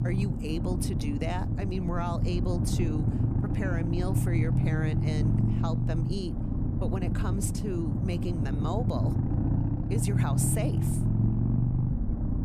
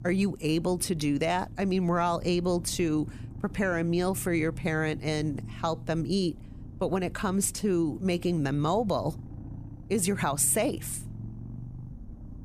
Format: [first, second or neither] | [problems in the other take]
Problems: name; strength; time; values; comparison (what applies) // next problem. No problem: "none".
second | low rumble; loud; throughout; 1 dB below the speech; faint in the second